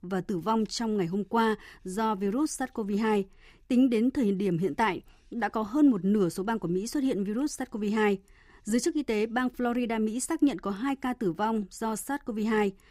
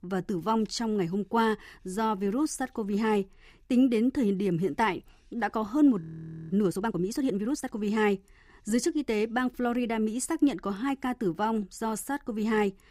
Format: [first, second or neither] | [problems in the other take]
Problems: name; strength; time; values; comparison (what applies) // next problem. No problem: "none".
first | audio freezing; at 6 s